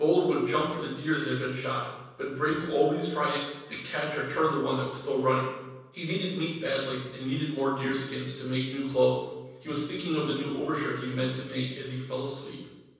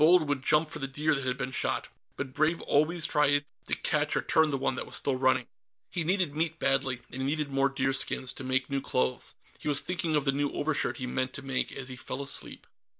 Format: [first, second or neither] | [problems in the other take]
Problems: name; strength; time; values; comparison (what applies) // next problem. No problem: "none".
second | room echo; dies away in 1.1 s